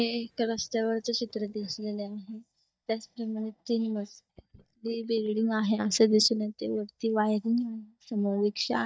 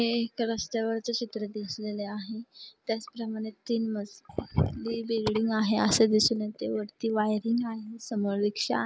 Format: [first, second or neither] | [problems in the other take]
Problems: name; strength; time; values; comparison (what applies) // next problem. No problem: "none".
second | noise reduction (neural mask model DeepFilterNet 3)